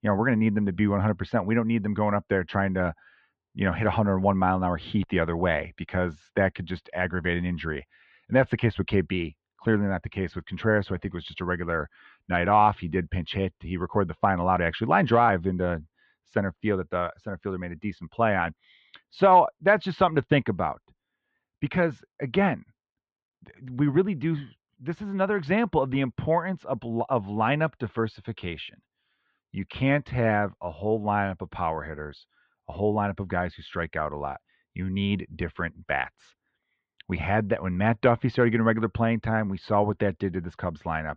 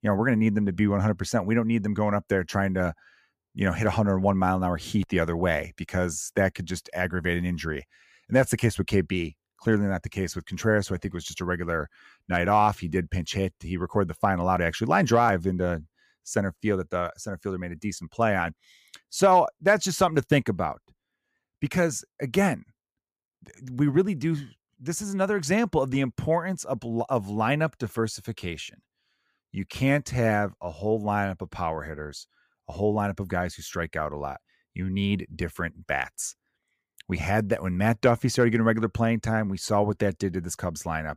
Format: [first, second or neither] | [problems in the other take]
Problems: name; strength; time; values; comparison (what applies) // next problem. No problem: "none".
second | muffled; very; fading above 3.5 kHz